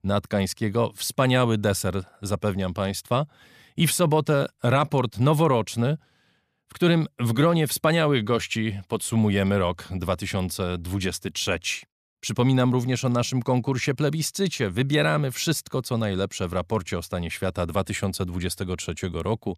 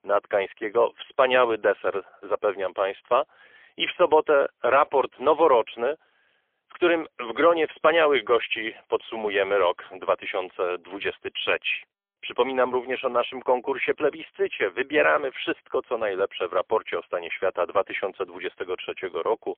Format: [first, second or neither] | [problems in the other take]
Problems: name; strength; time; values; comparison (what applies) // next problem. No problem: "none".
first | phone-call audio; poor line; nothing above 3.5 kHz